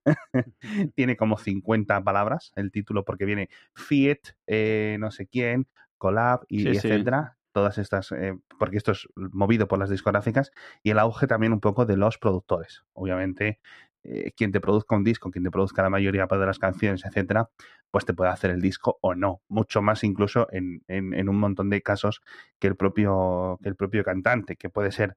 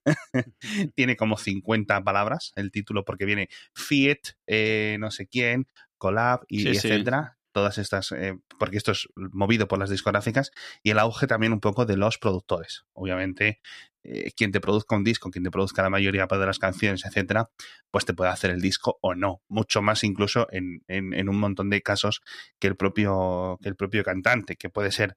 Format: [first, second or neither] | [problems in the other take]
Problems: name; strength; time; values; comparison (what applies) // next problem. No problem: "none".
second | muffled; slightly; fading above 2.5 kHz